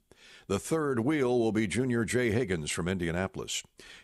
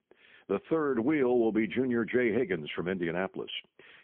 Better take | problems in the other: first | phone-call audio; poor line; nothing above 3.5 kHz

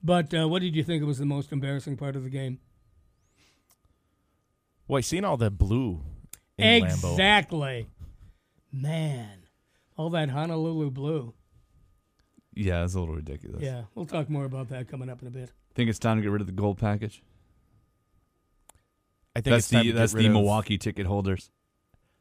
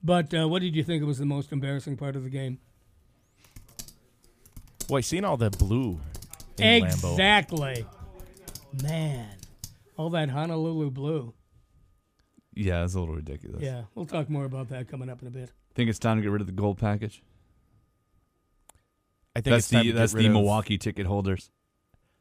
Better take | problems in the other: first | keyboard typing; faint; from 3.5 to 9.5 s; peak 15 dB below the speech

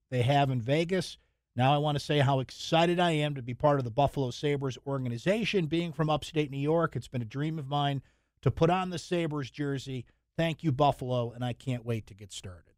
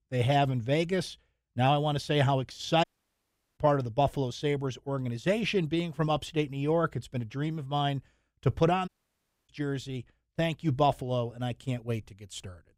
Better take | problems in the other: first | audio cutting out; at 3 s for 0.5 s and at 9 s for 0.5 s

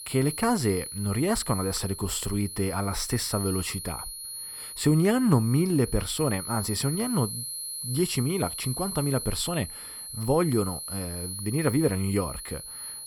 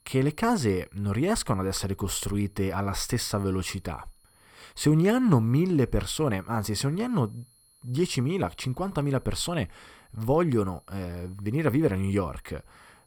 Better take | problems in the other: second | high-pitched whine; loud; throughout; 10.5 kHz, 7 dB below the speech; faint in the second

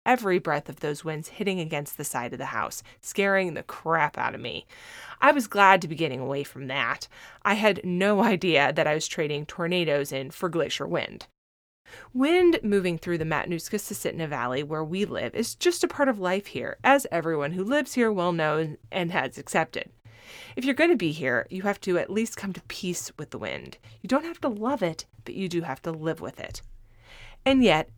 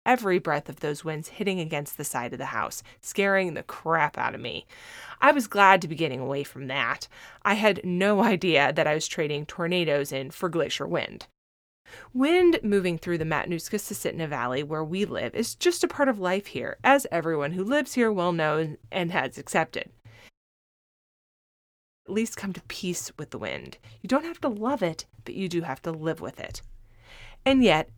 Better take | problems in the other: first | audio cutting out; at 20 s for 2 s

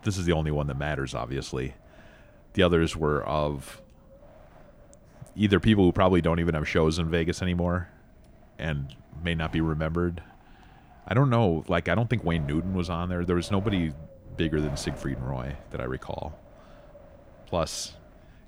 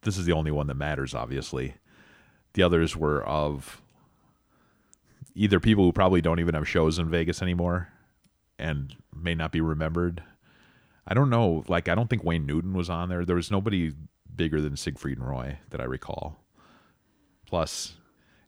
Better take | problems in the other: second | wind noise on the microphone; occasional gusts; 20 dB below the speech

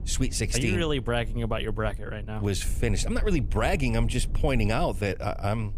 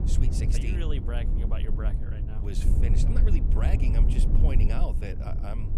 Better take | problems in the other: first | low rumble; loud; throughout; 2 dB below the speech; faint in the first

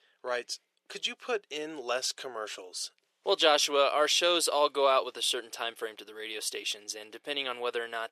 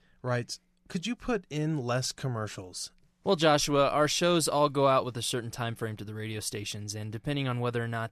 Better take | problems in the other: second | thin; very; fading below 400 Hz

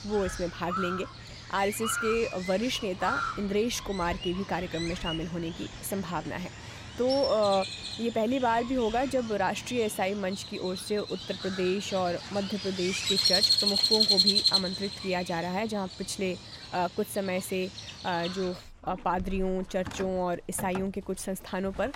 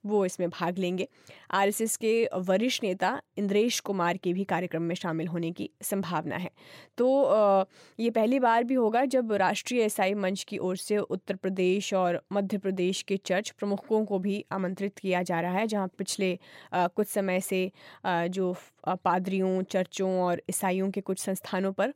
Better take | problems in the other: second | animal sounds; very loud; throughout; 2 dB above the speech

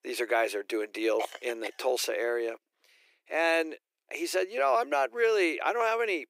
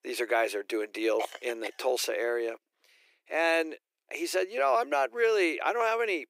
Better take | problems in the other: neither | thin; very; fading below 350 Hz; the same in both

